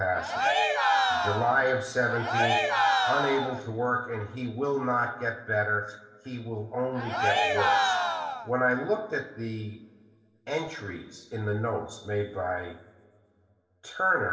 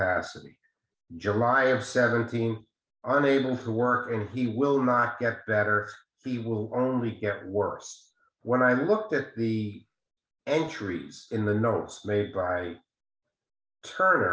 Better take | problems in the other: second | background sound (Cheering); 4 dB above the speech // room echo; dies away in 1.9 s

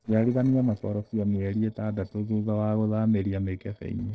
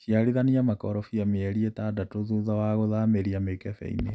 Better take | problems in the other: second | noise reduction (neural separator model SepFormer DNS4)

